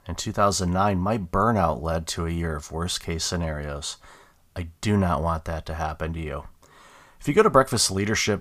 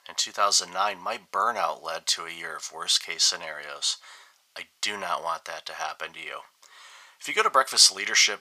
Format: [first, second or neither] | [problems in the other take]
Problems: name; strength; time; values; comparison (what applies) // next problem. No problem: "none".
first | thin; very; fading below 800 Hz